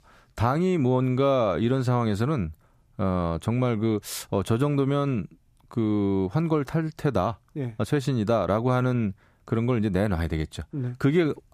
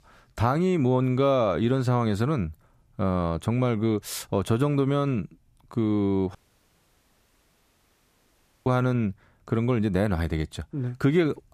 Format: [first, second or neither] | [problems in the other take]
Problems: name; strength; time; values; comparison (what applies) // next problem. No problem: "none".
first | audio cutting out; at 6.5 s for 2.5 s